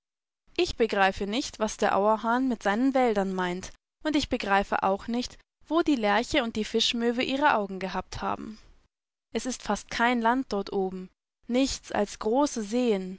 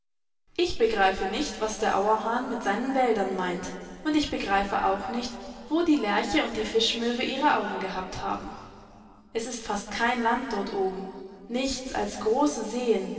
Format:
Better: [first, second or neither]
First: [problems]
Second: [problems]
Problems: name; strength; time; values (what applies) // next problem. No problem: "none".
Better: first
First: none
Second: room echo; dies away in 2.6 s